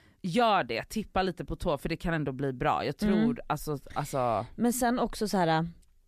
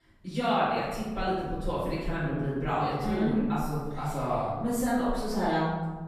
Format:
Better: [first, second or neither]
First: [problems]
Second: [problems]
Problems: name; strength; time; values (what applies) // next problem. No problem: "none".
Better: first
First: none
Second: off-mic speech; far // room echo; strong; dies away in 1.3 s